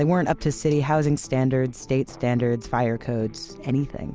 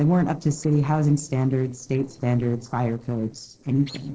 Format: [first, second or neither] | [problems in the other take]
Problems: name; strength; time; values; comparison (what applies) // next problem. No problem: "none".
first | noise reduction (neural separator model SepFormer DNS4)